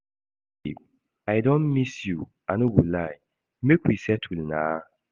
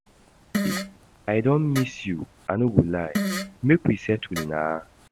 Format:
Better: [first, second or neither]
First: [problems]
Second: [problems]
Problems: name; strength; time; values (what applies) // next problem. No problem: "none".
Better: first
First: none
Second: background sound (Fart); 8 dB below the speech